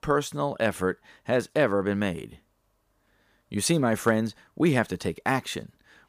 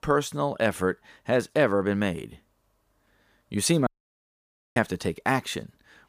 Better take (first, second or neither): first